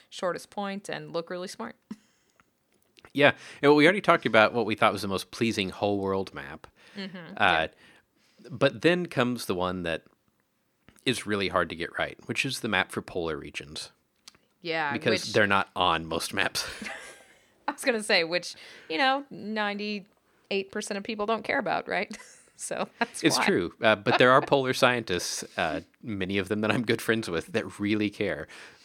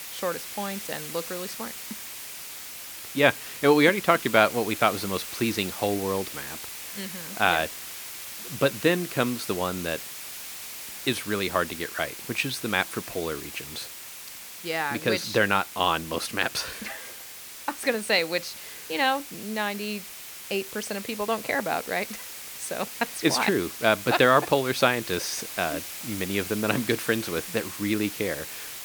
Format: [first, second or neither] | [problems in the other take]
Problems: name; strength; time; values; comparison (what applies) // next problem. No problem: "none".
first | hiss; loud; throughout; 10 dB below the speech